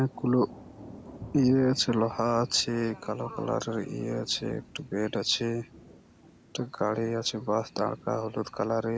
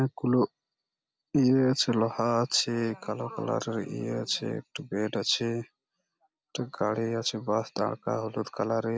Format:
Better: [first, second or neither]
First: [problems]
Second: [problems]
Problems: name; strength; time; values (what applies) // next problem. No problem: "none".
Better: second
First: background sound (Thunder / Rain); 20 dB below the speech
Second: none